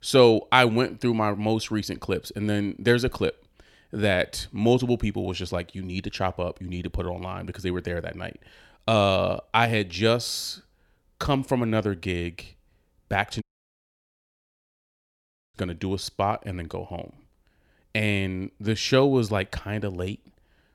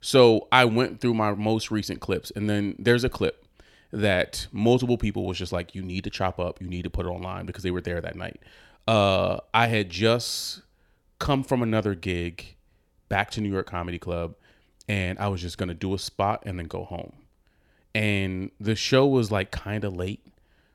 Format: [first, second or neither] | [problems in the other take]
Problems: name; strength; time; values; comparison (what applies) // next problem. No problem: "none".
second | audio cutting out; at 13 s for 2 s